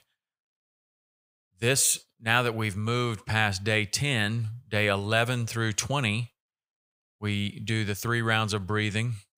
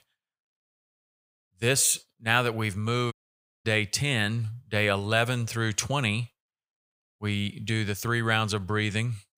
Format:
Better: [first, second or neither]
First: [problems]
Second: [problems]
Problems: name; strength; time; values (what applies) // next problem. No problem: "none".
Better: first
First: none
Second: audio cutting out; at 3 s for 0.5 s